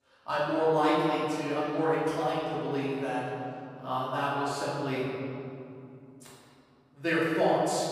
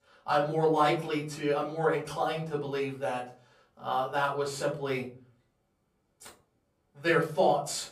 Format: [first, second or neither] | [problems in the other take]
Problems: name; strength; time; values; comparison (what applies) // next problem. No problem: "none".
second | room echo; strong; dies away in 2.5 s; slight in the second // off-mic speech; far; far in the second